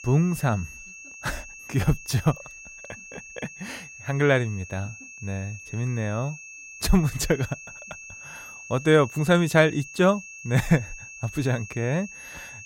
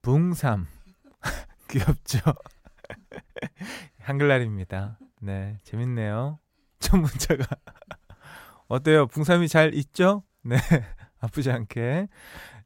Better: second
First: high-pitched whine; noticeable; throughout; 2.5 kHz, 15 dB below the speech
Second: none

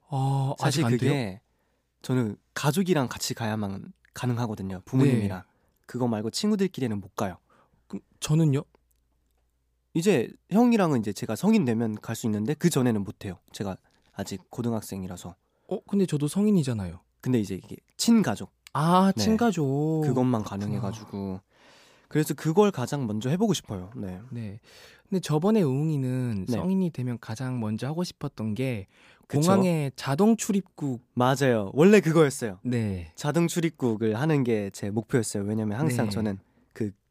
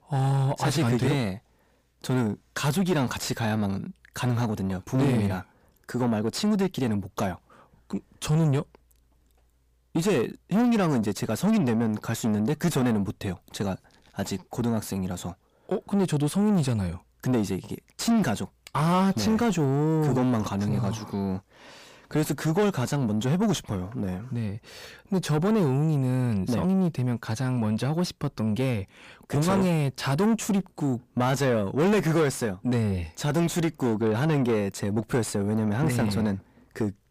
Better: first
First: none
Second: distortion; heavy; 8 dB below the speech

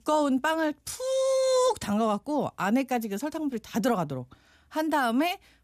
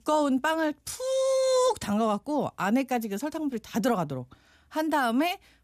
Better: neither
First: none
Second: none

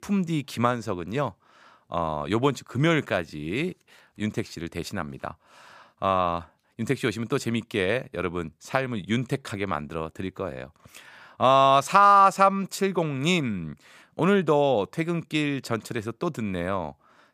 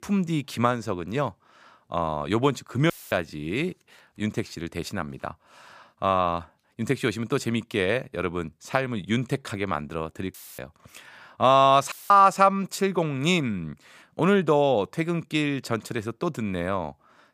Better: first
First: none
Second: audio cutting out; filled with static; at 3 s, at 10 s and at 12 s

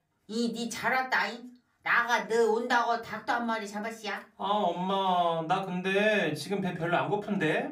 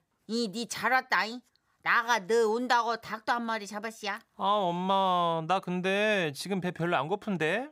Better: second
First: off-mic speech; somewhat distant // room echo; very slight; dies away in 0.3 s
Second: none

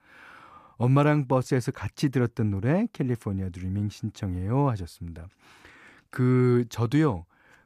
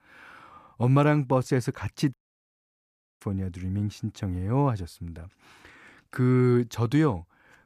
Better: first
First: none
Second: audio cutting out; at 2 s for 1 s

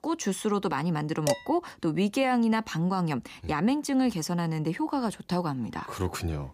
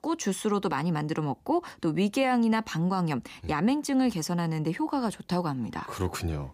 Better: second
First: clattering dishes; noticeable; at 1.5 s; peak 2 dB below the speech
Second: none

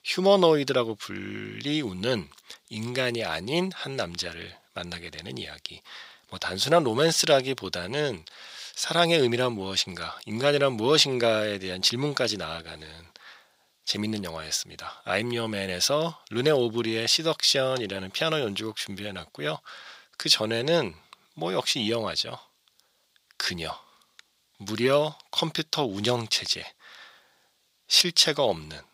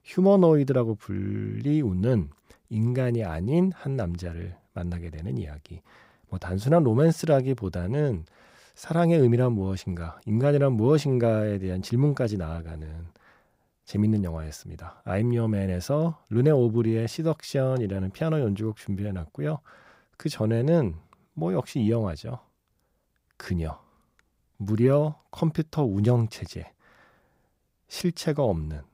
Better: second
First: thin; somewhat; fading below 1 kHz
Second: none

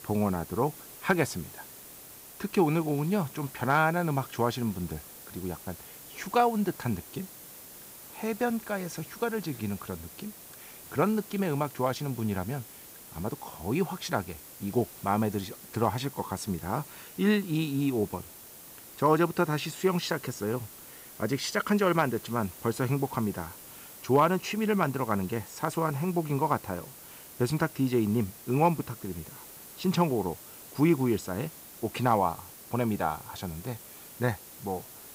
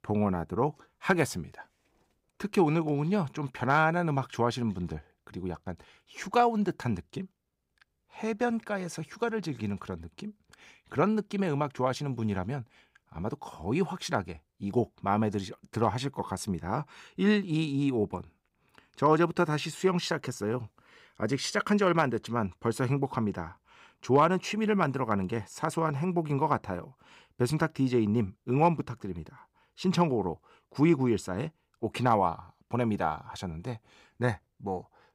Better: second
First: hiss; noticeable; throughout; 15 dB below the speech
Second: none

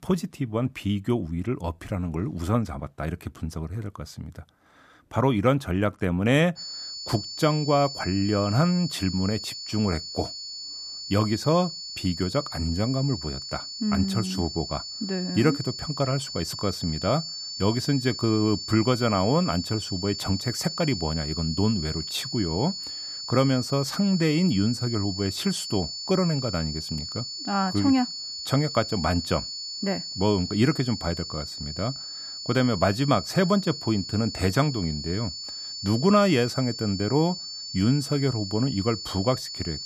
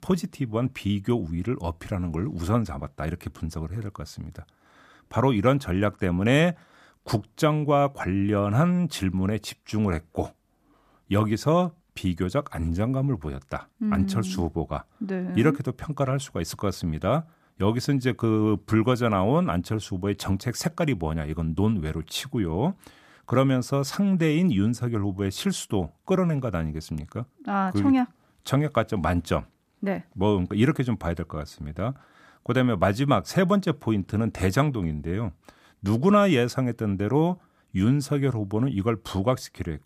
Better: second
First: high-pitched whine; loud; from 6.5 s on; 4.5 kHz, 7 dB below the speech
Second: none

